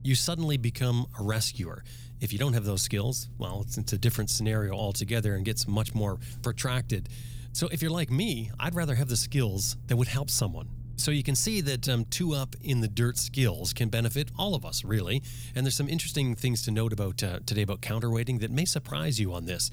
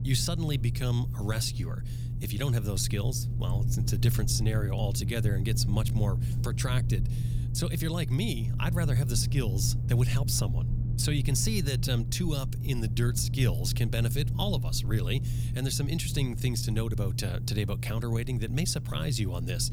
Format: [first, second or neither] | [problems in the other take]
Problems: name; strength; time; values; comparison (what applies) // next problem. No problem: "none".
first | low rumble; loud; throughout; 9 dB below the speech; faint in the first